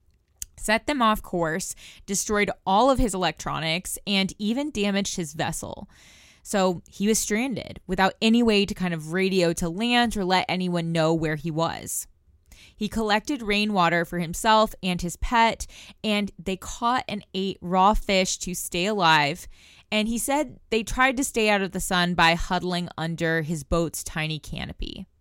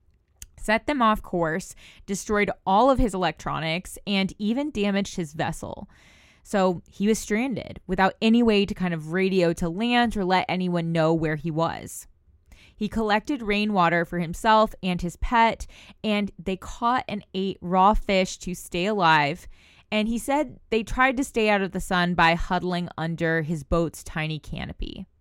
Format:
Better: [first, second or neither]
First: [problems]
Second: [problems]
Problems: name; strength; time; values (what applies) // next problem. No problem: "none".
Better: first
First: none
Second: muffled; very slightly; fading above 3.5 kHz